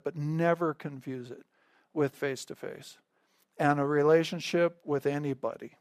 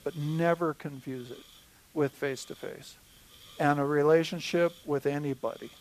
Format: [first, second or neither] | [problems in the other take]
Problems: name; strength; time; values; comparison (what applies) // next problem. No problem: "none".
first | hiss; faint; throughout; 25 dB below the speech